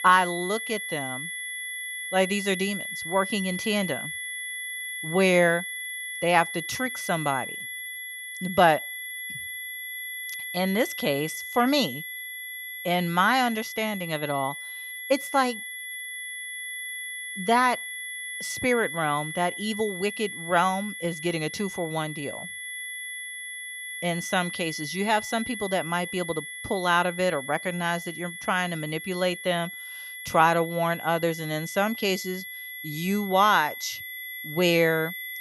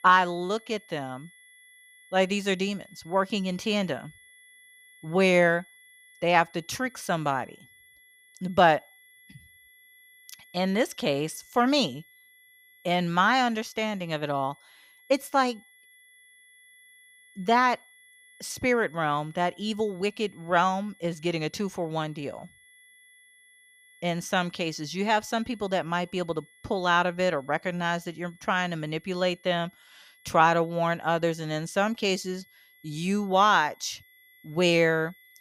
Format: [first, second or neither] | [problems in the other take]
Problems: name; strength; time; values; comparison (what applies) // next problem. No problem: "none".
second | high-pitched whine; loud; throughout; 2 kHz, 8 dB below the speech; faint in the second